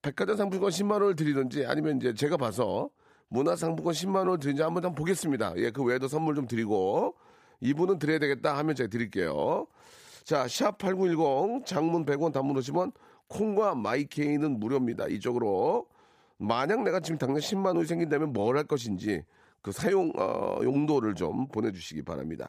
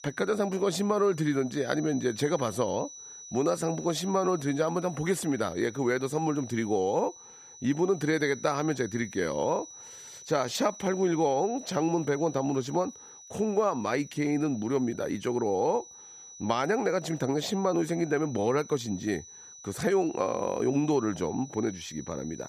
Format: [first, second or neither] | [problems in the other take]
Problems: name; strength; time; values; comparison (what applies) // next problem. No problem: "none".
first | high-pitched whine; noticeable; throughout; 6 kHz, 15 dB below the speech